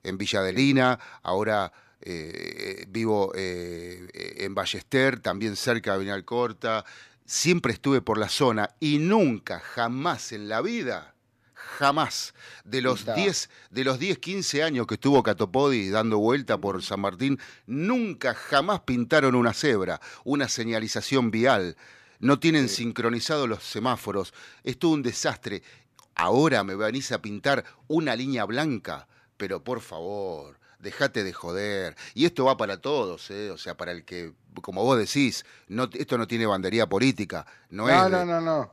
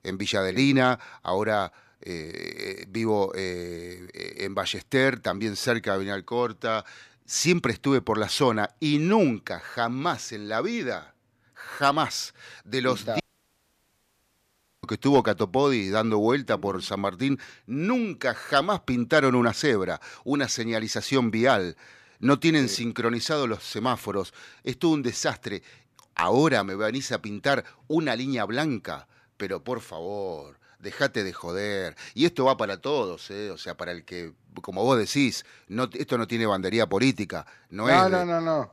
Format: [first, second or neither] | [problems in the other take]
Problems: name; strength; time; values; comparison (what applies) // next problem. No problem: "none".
first | audio cutting out; at 13 s for 1.5 s